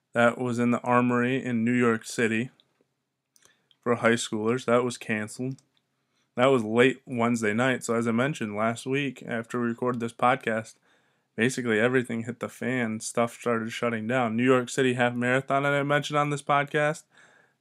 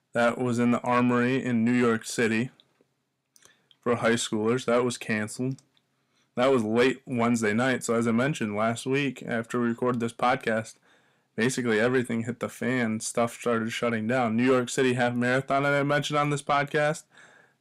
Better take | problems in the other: first | distortion; slight; 10 dB below the speech

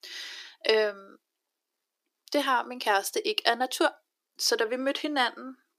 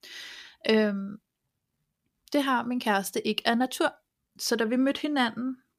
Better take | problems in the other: second | thin; somewhat; fading below 300 Hz

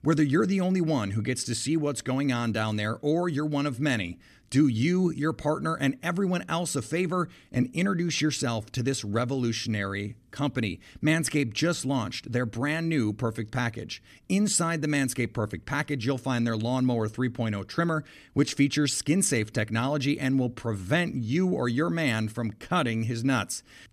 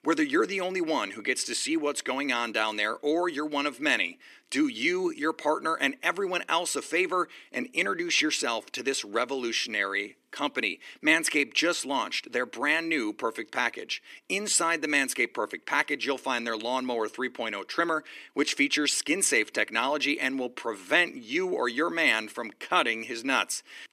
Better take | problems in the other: first | thin; somewhat; fading below 350 Hz

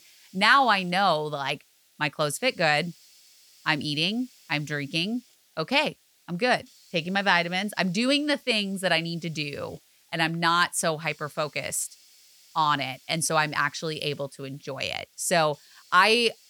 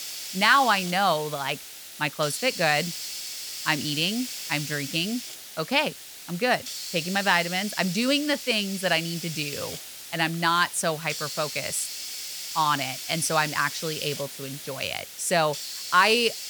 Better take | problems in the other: first | hiss; loud; throughout; 9 dB below the speech; faint in the first

